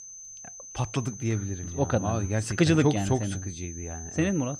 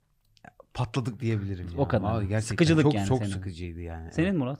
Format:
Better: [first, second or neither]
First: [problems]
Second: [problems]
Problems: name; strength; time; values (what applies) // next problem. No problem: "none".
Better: second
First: high-pitched whine; noticeable; throughout; 6 kHz, 15 dB below the speech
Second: none